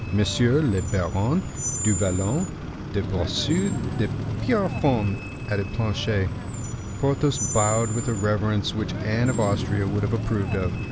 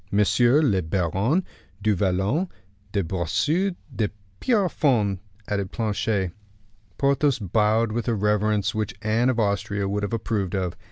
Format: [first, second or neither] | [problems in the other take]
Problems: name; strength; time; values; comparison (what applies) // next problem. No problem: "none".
second | background sound (Screech); 4 dB below the speech